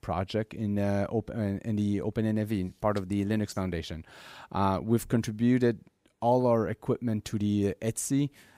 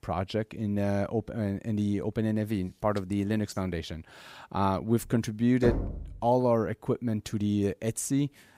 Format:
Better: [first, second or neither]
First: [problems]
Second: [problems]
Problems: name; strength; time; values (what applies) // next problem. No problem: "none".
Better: first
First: none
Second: door banging; noticeable; at 5.5 s; peak 2 dB below the speech